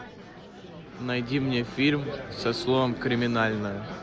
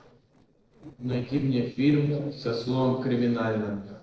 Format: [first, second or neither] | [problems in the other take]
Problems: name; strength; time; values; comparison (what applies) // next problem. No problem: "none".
first | noise reduction (neural separator model SepFormer DNS4)